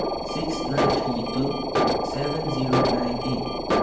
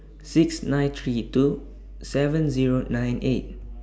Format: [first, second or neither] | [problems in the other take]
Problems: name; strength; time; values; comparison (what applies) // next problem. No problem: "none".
second | background sound (Alarm); 4 dB above the speech // room echo; dies away in 0.9 s